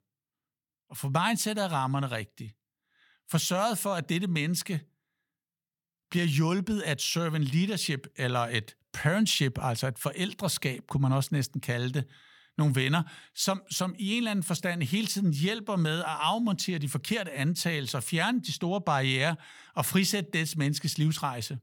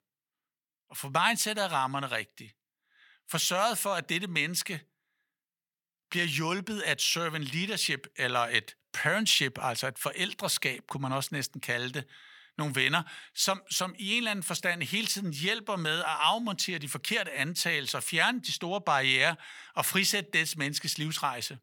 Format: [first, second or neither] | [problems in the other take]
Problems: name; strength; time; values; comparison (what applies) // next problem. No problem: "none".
first | thin; somewhat; fading below 500 Hz